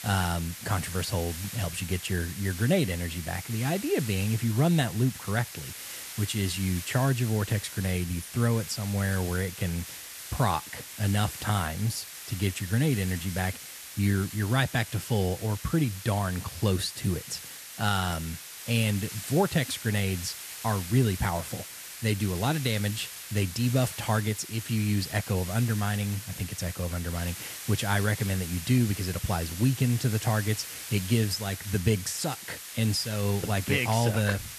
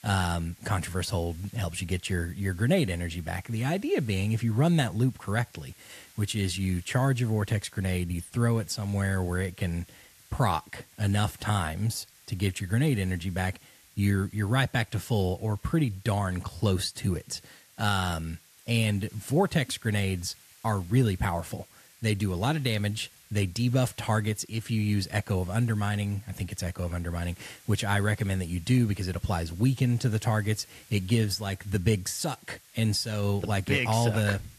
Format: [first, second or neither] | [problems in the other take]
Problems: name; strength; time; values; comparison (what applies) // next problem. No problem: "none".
second | hiss; loud; throughout; 10 dB below the speech; faint in the second